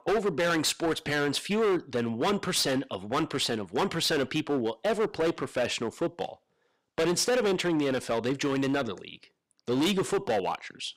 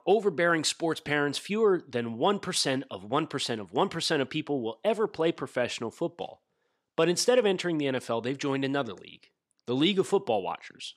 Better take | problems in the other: second | distortion; heavy; 14% of the sound clipped

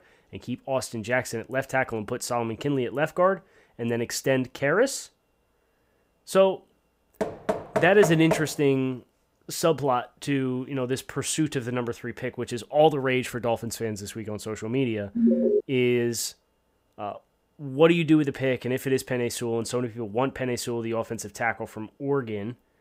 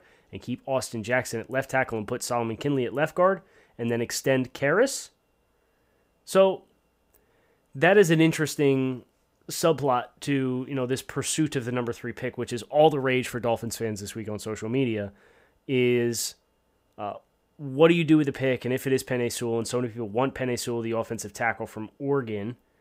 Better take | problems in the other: second | door banging; noticeable; from 7 to 8.5 s; peak 2 dB below the speech // alarm; loud; at 15 s; peak 5 dB above the speech

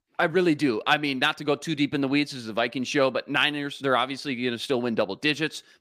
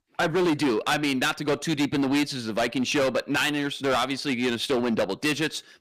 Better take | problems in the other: first | distortion; heavy; 16% of the sound clipped

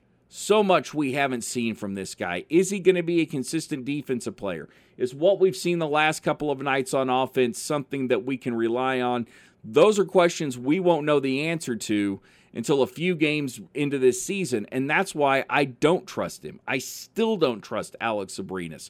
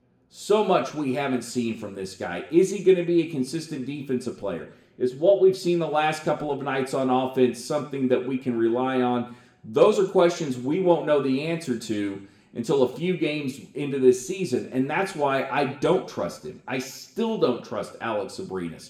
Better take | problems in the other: first | room echo; very slight; dies away in 0.5 s

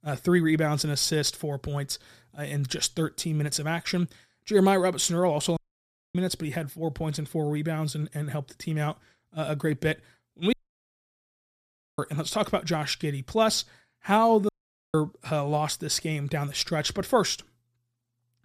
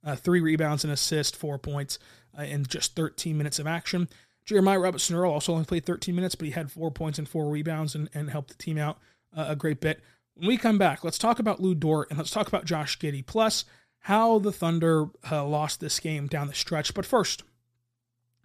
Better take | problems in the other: second | audio cutting out; at 5.5 s for 0.5 s, at 11 s for 1.5 s and at 14 s

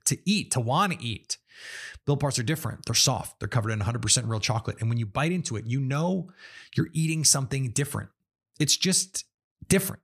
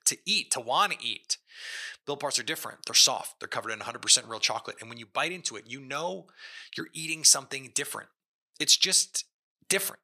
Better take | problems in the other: first | thin; very; fading below 500 Hz

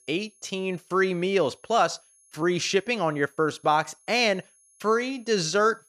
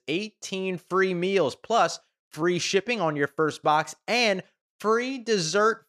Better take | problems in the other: second | high-pitched whine; faint; throughout; 10.5 kHz, 30 dB below the speech

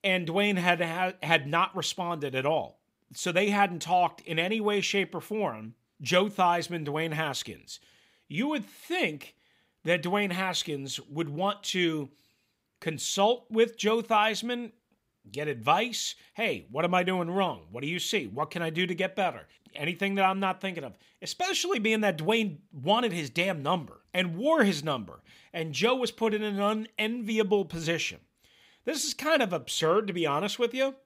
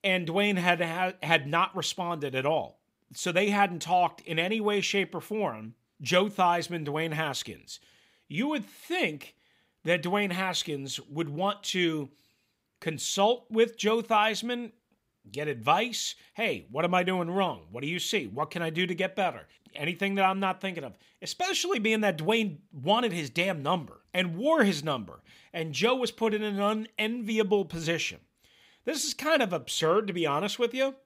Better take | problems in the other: neither | none

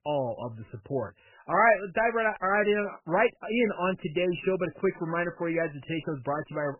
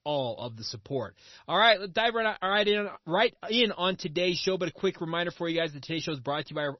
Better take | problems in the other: second | garbled, watery; badly; nothing above 3 kHz; slightly in the second

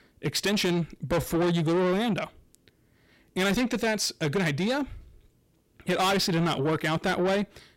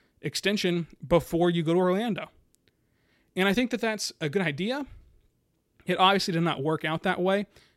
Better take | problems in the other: second | distortion; heavy; 7 dB below the speech

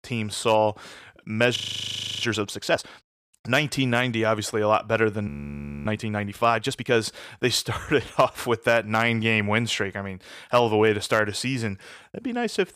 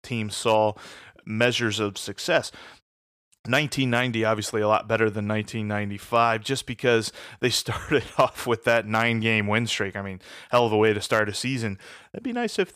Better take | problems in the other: second | audio freezing; at 1.5 s for 0.5 s and at 5.5 s for 0.5 s

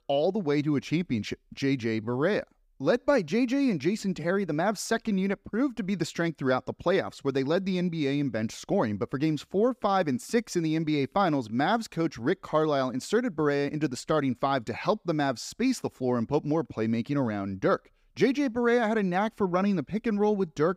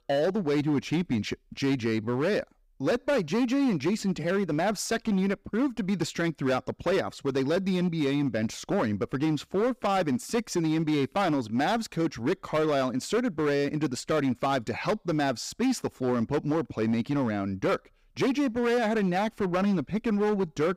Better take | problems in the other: first | distortion; slight; 13% of the sound clipped

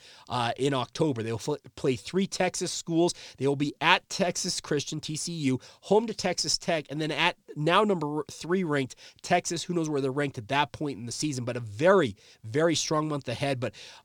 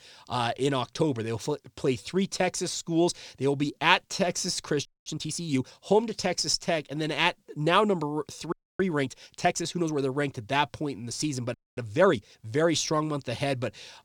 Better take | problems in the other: first | audio freezing; at 5 s, at 8.5 s and at 12 s

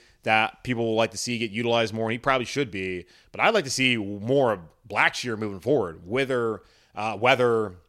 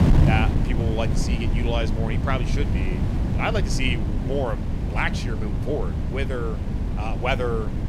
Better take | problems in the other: first | wind noise on the microphone; heavy; 6 dB below the speech

